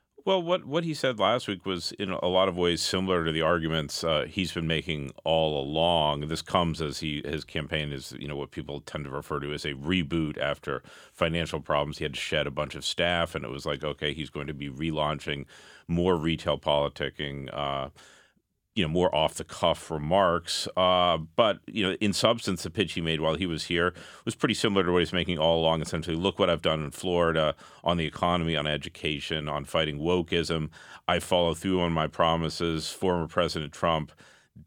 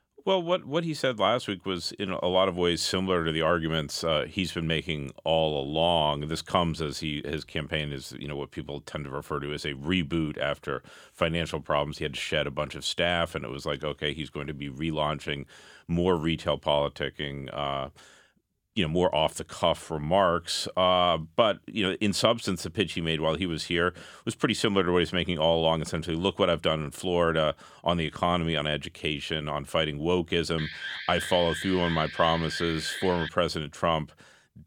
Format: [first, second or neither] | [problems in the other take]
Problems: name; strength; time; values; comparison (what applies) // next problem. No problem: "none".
first | alarm; noticeable; from 31 to 33 s; peak 6 dB below the speech